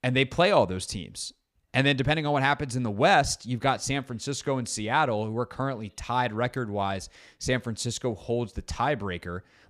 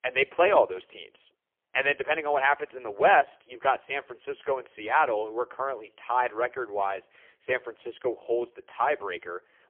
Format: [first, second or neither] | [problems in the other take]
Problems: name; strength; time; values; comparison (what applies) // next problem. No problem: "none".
first | phone-call audio; poor line